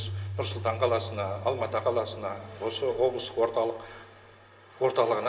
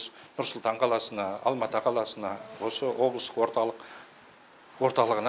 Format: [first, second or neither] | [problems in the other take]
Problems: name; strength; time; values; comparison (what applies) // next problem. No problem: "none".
second | background sound (Keyboard (musical)); 11 dB below the speech // room echo; dies away in 2.7 s